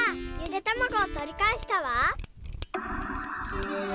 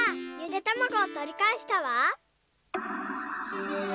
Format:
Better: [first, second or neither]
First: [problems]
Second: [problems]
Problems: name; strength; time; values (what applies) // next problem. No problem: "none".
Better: second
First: background sound (Mechanisms); 10 dB below the speech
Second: none